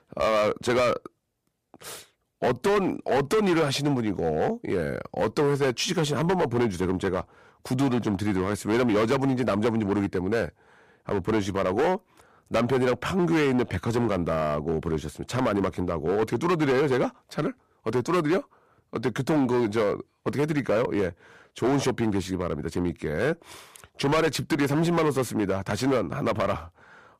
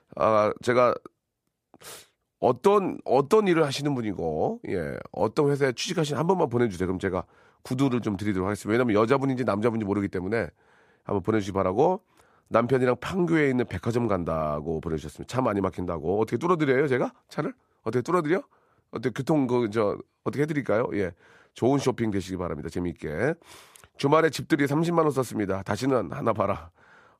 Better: second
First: distortion; heavy; 11% of the sound clipped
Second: none

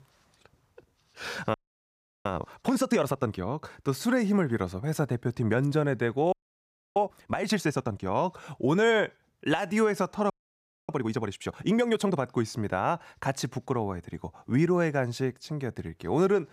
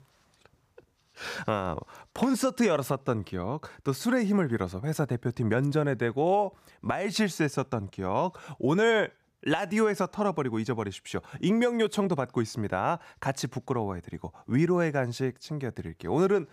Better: second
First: audio freezing; at 1.5 s for 0.5 s, at 6.5 s for 0.5 s and at 10 s for 0.5 s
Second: none

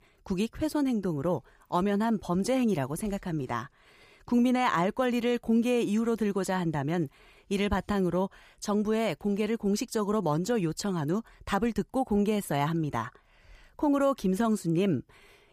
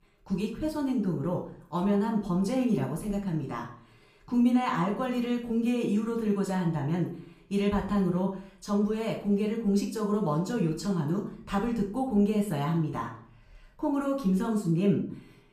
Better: first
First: none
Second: off-mic speech; far // room echo; slight; dies away in 0.4 s

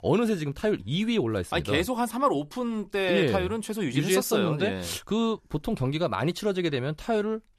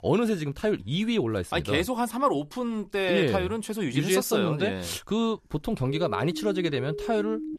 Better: first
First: none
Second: siren; noticeable; from 6 s on; peak 8 dB below the speech

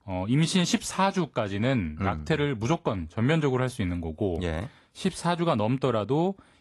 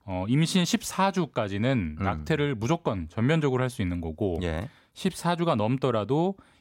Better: second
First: garbled, watery; slightly; nothing above 11.5 kHz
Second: none

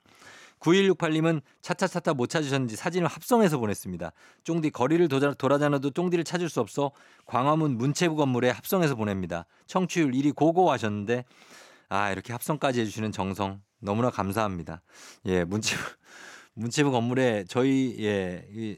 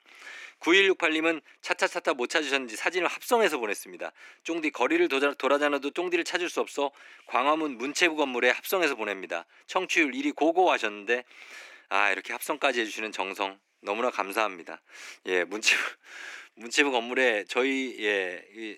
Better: first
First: none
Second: thin; somewhat; fading below 300 Hz

